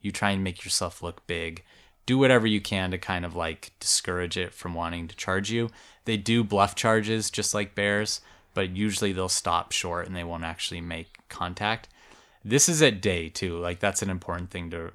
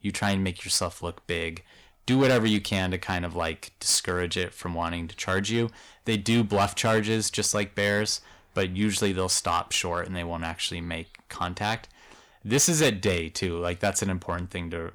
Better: first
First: none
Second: distortion; slight; 3% of the sound clipped

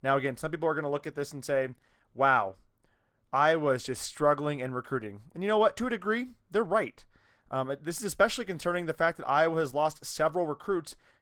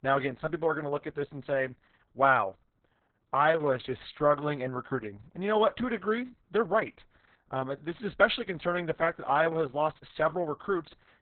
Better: first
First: garbled, watery; slightly; nothing above 18 kHz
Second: garbled, watery; badly; nothing above 4 kHz

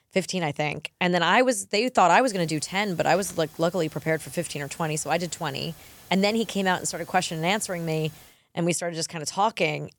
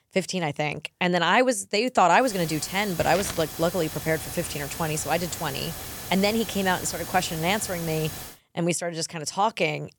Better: first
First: hiss; faint; from 2 to 8.5 s; 20 dB below the speech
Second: hiss; loud; from 2 to 8.5 s; 9 dB below the speech

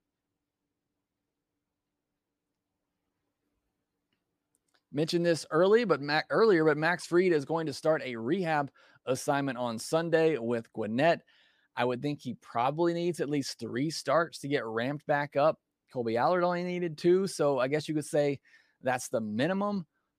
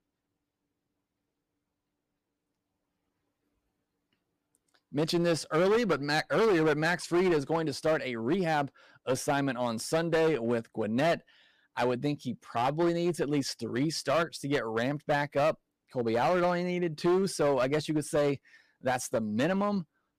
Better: first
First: none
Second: distortion; slight; 8% of the sound clipped

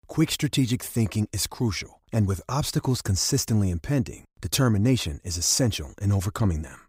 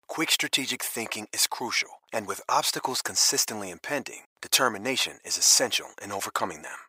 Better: first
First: none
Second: thin; very; fading below 650 Hz

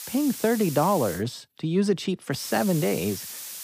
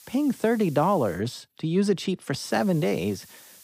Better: second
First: hiss; loud; until 1 s and from 2.5 s on; 10 dB below the speech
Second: hiss; faint; until 1 s and from 2.5 s on; 25 dB below the speech

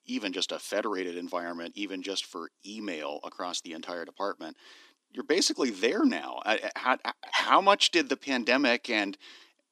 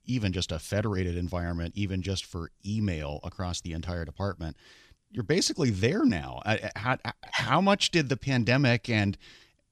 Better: second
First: thin; somewhat; fading below 250 Hz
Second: none

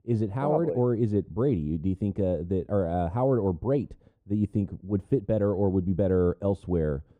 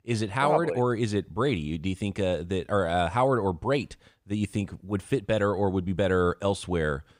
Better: second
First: muffled; very; fading above 1 kHz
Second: none

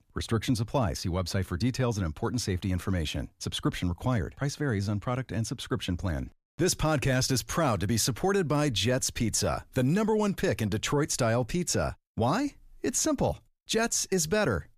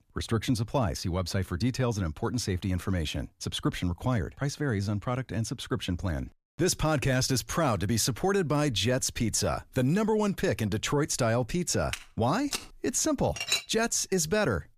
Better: first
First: none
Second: footsteps; noticeable; at 12 s; peak 7 dB below the speech // clattering dishes; loud; at 13 s; peak level with the speech

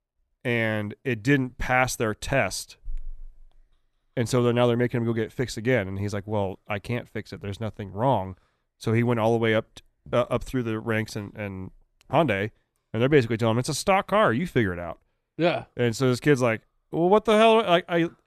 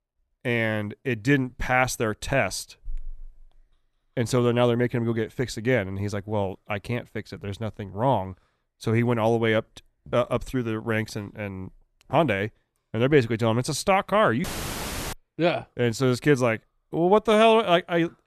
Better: first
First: none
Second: audio cutting out; filled with static; at 14 s for 0.5 s

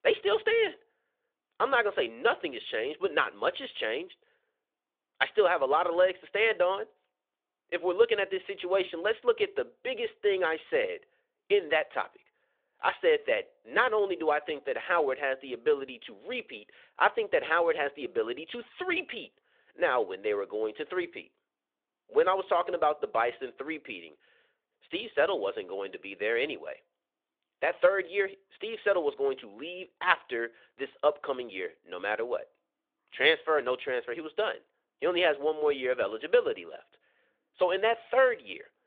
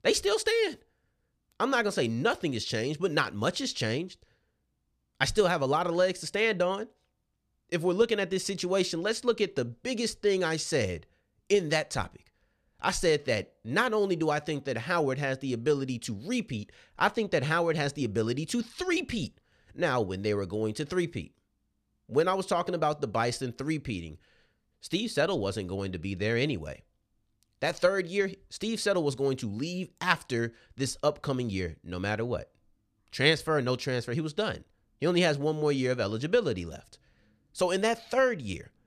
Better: second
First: phone-call audio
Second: none

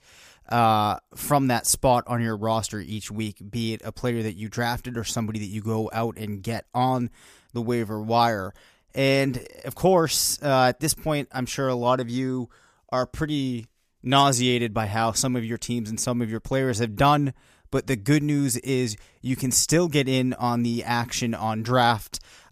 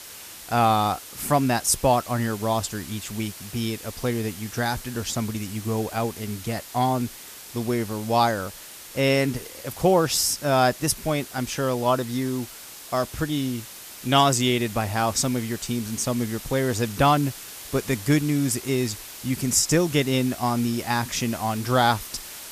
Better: first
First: none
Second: hiss; noticeable; throughout; 15 dB below the speech

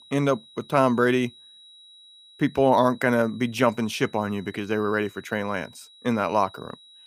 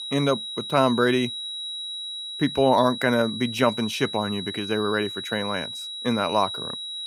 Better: first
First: high-pitched whine; faint; throughout; 4 kHz, 25 dB below the speech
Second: high-pitched whine; loud; throughout; 4 kHz, 7 dB below the speech

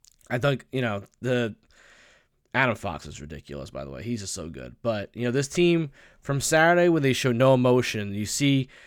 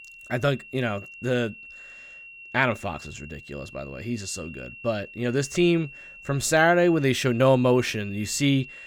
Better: first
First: none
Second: high-pitched whine; noticeable; throughout; 2.5 kHz, 20 dB below the speech

